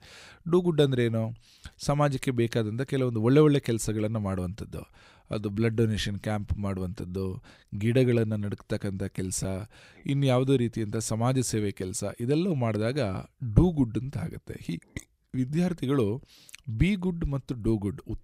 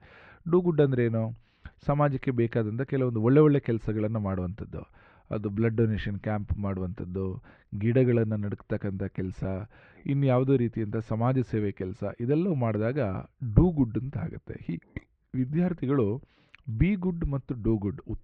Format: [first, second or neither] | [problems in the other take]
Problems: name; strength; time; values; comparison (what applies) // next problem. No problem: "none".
first | muffled; very; fading above 2 kHz